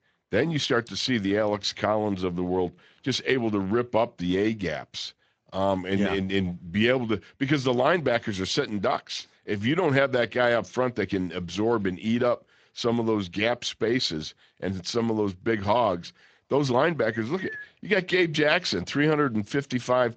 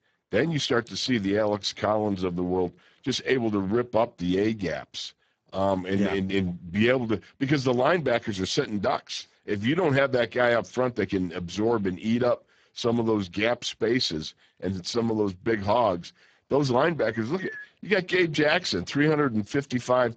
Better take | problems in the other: first | garbled, watery; badly; slightly in the first

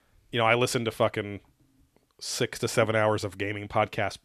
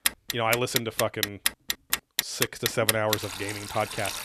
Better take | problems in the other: first | household noises; very loud; throughout; as loud as the speech

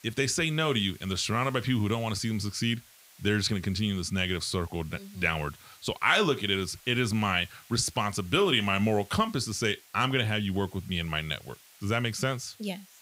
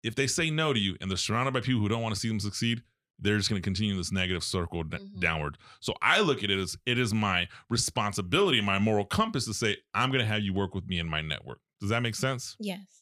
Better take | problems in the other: second | hiss; faint; throughout; 25 dB below the speech

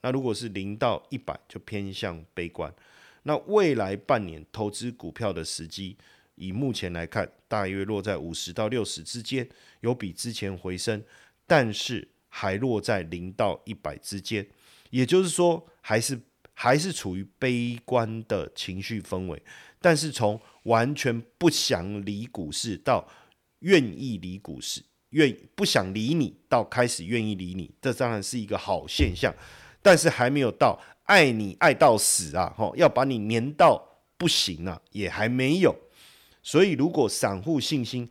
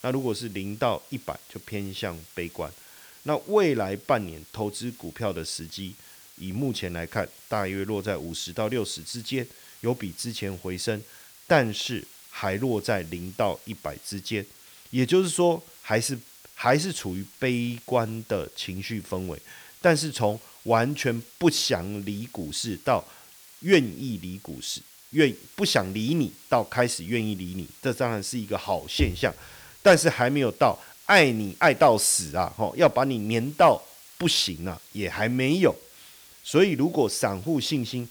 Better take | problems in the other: first | hiss; faint; throughout; 20 dB below the speech

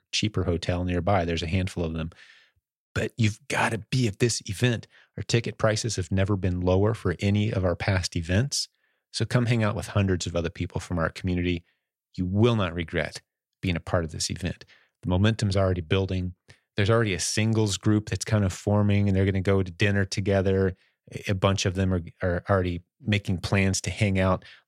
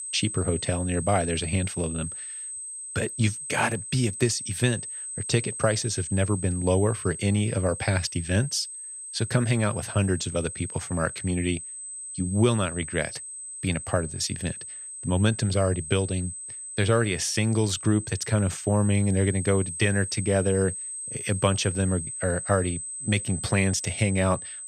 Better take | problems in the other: first | high-pitched whine; loud; throughout; 8 kHz, 8 dB below the speech

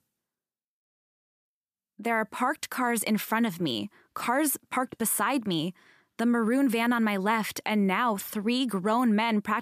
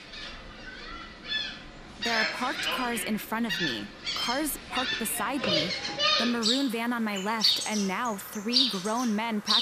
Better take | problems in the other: first | animal sounds; very loud; throughout; 3 dB above the speech

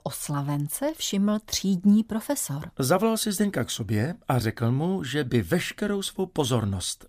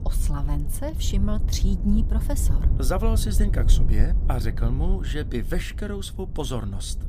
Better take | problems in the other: first | wind noise on the microphone; occasional gusts; 10 dB below the speech

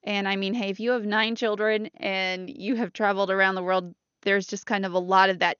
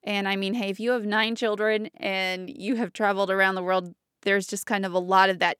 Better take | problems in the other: second | garbled, watery; slightly; nothing above 6.5 kHz

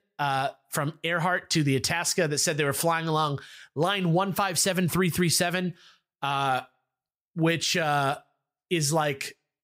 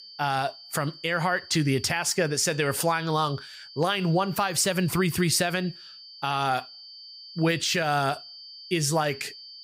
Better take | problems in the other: first | high-pitched whine; noticeable; throughout; 4.5 kHz, 15 dB below the speech

